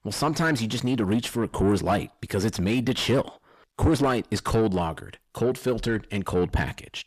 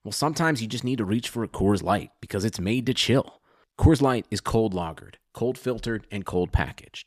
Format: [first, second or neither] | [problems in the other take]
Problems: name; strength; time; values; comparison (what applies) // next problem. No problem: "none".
second | distortion; heavy; 8 dB below the speech